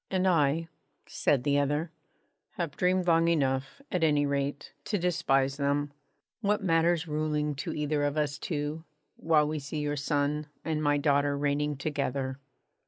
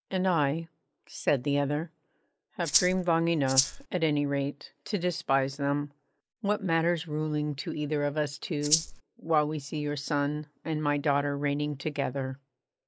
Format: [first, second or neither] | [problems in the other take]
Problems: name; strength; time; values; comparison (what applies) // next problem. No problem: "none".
first | noise reduction (neural mask model Resemble Enhance denoiser)